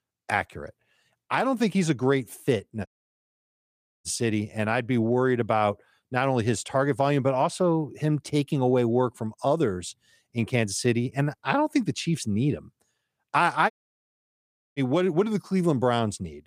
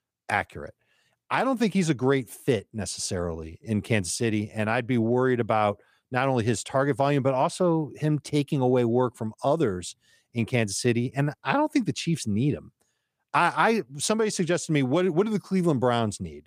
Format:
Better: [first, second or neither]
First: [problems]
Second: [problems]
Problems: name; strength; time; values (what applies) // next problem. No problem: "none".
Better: second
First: audio cutting out; at 3 s for 1 s and at 14 s for 1 s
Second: none